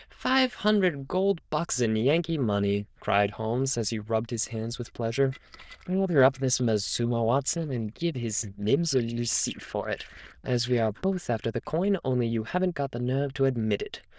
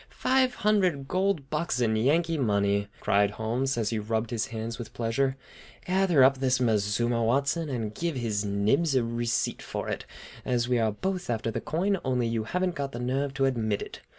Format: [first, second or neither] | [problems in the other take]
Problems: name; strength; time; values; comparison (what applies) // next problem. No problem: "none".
second | noise reduction (neural diffusion model UNIVERSE++)